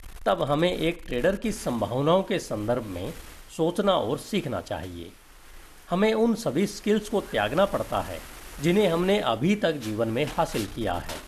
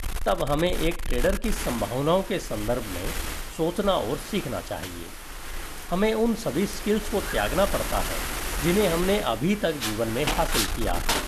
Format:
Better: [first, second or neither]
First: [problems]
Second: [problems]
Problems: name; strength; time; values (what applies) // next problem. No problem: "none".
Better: first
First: wind noise on the microphone; occasional gusts; 20 dB below the speech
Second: wind noise on the microphone; heavy; 6 dB below the speech